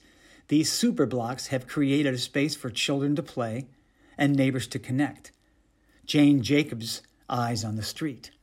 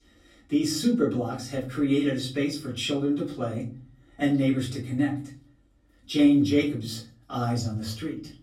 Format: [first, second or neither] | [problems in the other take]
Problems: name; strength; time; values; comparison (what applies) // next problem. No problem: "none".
first | off-mic speech; far // room echo; slight; dies away in 0.5 s